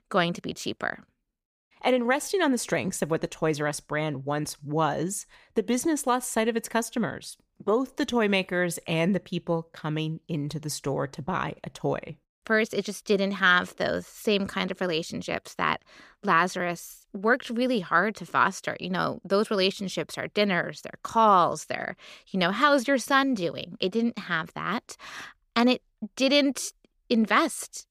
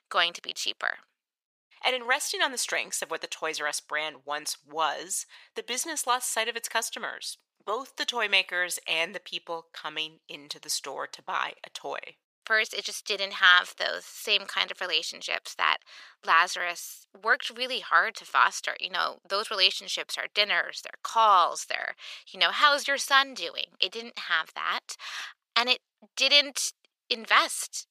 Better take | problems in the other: first | thin; very; fading below 850 Hz

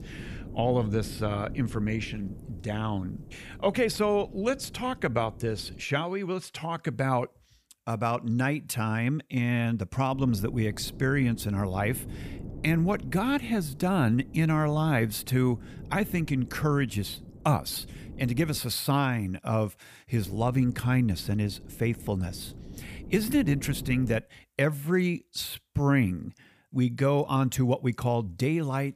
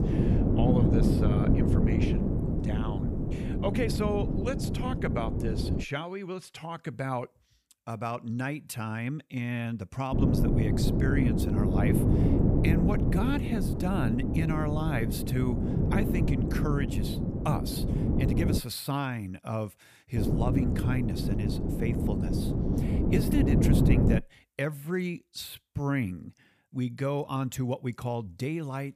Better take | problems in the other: first | wind noise on the microphone; heavy; until 6 s, from 10 to 19 s and from 20 to 24 s; 1 dB above the speech; occasional gusts in the first

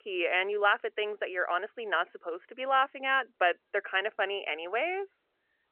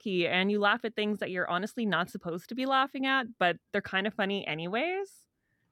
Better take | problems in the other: second | phone-call audio; nothing above 3 kHz

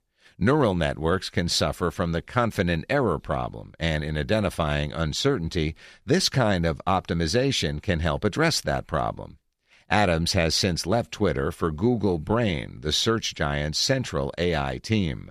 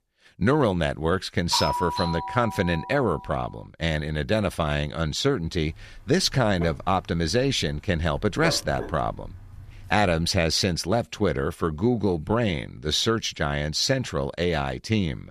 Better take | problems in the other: first | doorbell; noticeable; from 1.5 to 3 s; peak 2 dB below the speech // dog barking; noticeable; from 6 to 10 s; peak 7 dB below the speech

